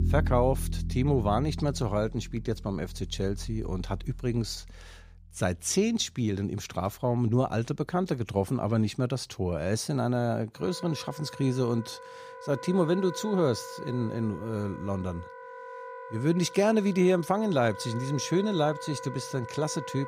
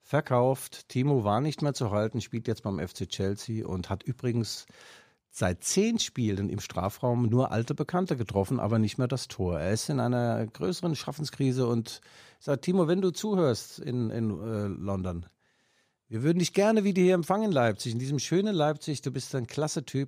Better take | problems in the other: second | background music; noticeable; throughout; 10 dB below the speech

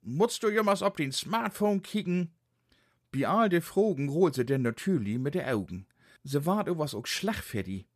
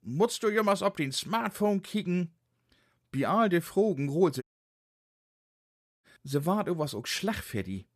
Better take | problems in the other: first | audio cutting out; at 4.5 s for 1.5 s

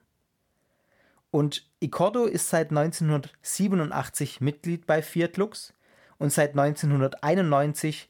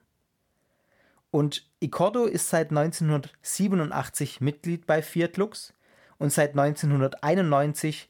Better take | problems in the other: neither | none

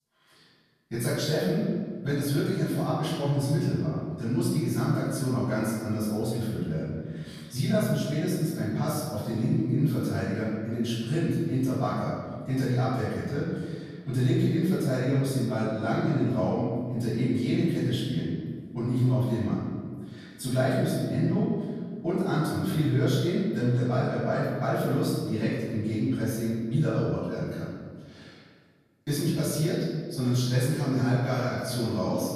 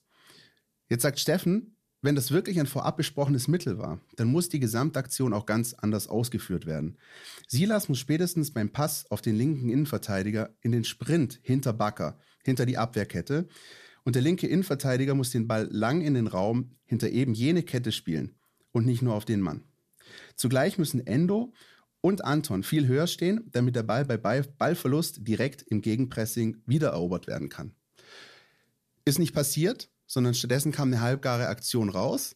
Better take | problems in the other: second | off-mic speech; far // room echo; strong; dies away in 1.6 s

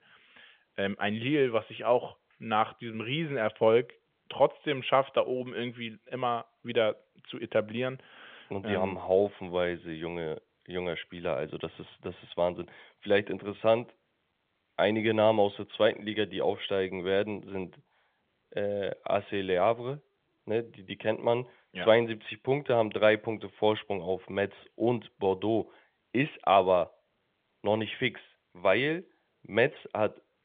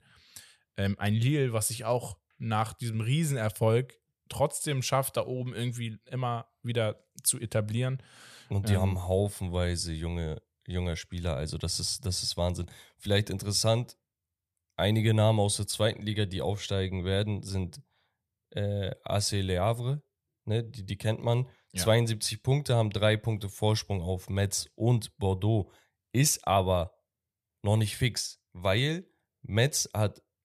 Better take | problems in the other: second | phone-call audio; nothing above 3.5 kHz

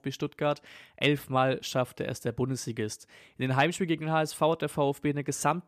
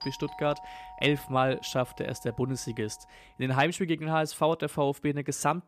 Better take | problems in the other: first | doorbell; faint; until 3 s; peak 10 dB below the speech

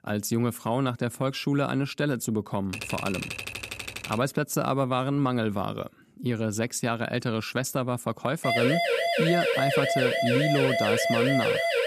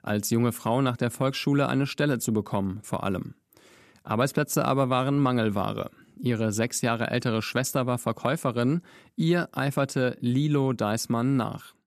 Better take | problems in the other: second | keyboard typing; noticeable; from 2.5 to 4 s; peak 5 dB below the speech // siren; loud; from 8.5 s on; peak 4 dB above the speech

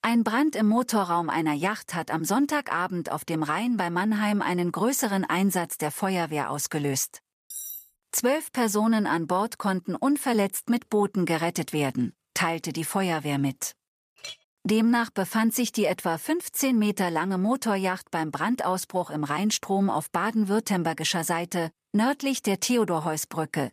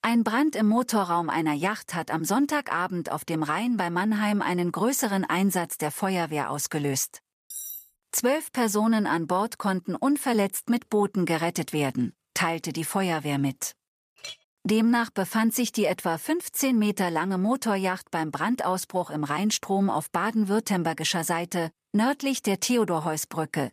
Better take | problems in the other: neither | clattering dishes; noticeable; at 7.5 s; peak 9 dB below the speech; the same in both // clattering dishes; faint; at 14 s; peak 15 dB below the speech; the same in both

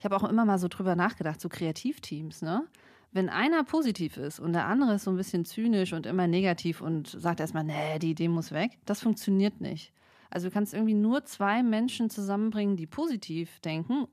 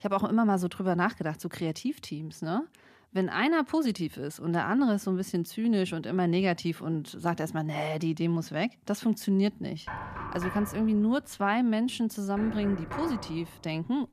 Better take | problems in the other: first | door banging; noticeable; from 10 to 14 s; peak 7 dB below the speech

